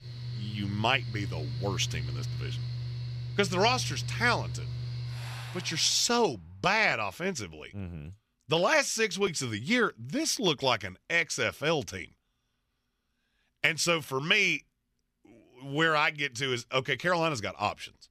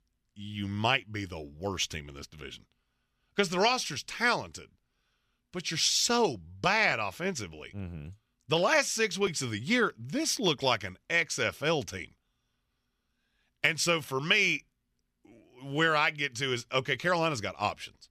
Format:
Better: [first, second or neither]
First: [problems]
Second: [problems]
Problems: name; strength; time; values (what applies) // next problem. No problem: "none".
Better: second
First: machinery noise; loud; until 5.5 s; 9 dB below the speech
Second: none